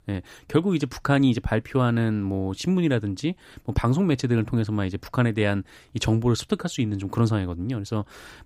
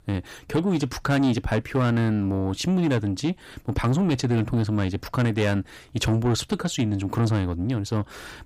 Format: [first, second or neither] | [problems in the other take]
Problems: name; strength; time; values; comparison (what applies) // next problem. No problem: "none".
first | distortion; slight; 10 dB below the speech